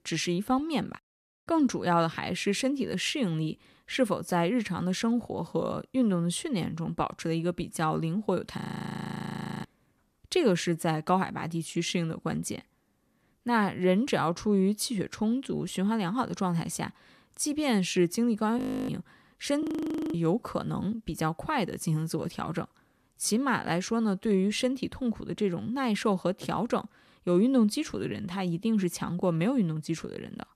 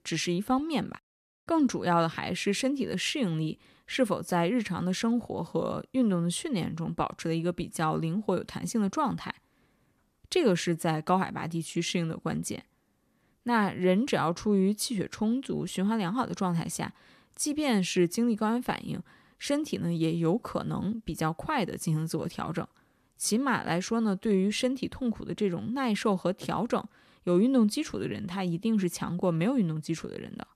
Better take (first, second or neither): second